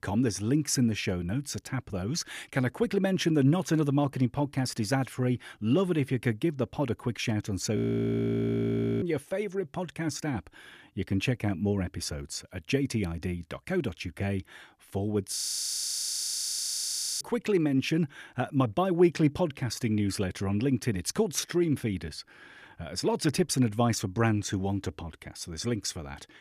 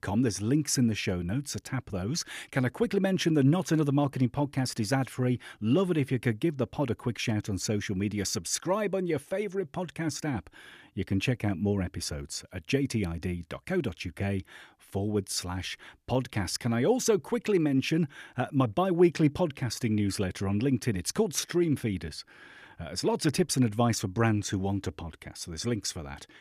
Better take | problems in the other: second | audio freezing; at 8 s for 1.5 s and at 15 s for 2 s

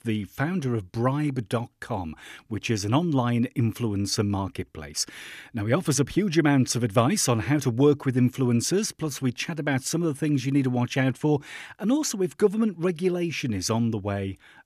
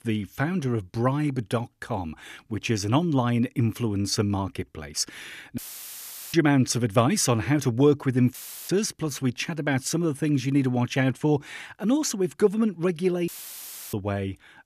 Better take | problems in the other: first | audio cutting out; filled with static; at 5.5 s for 1 s, at 8.5 s and at 13 s for 0.5 s

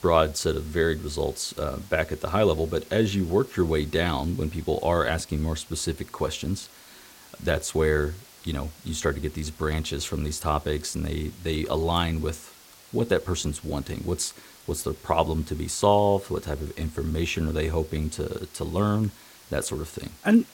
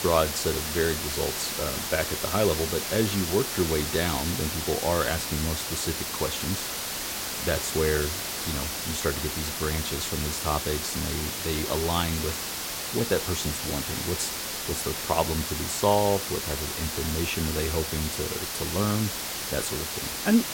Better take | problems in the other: first | hiss; loud; throughout; 1 dB below the speech; faint in the first

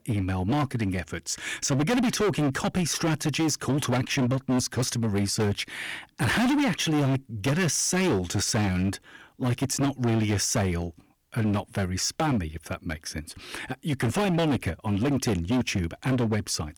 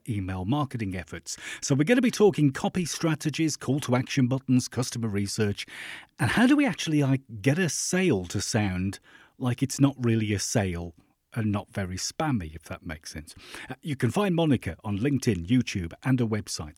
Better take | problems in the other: second | distortion; heavy; 18% of the sound clipped

